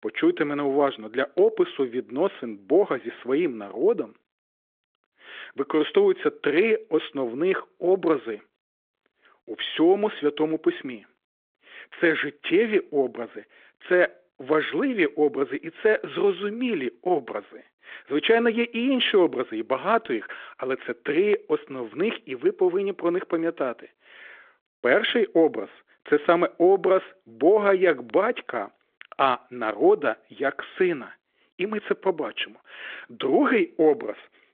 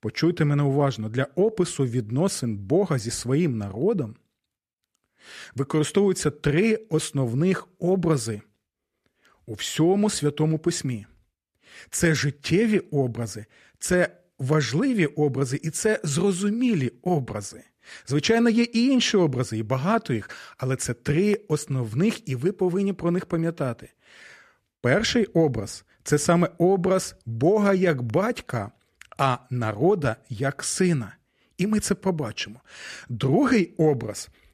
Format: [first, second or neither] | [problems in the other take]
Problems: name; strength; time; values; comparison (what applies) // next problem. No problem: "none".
second | phone-call audio; nothing above 3.5 kHz